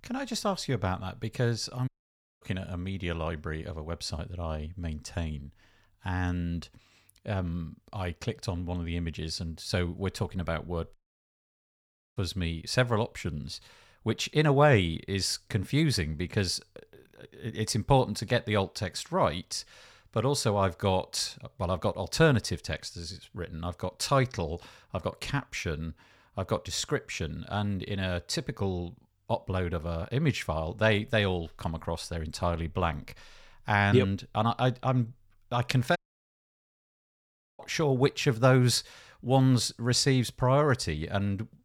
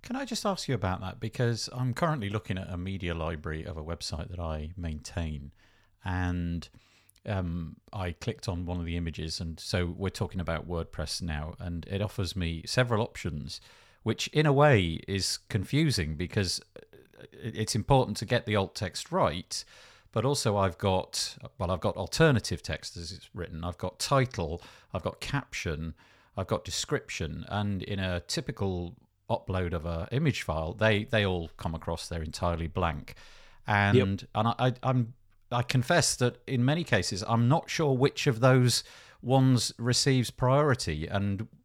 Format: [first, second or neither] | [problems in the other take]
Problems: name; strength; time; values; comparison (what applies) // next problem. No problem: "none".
second | audio cutting out; at 2 s for 0.5 s, at 11 s for 1 s and at 36 s for 1.5 s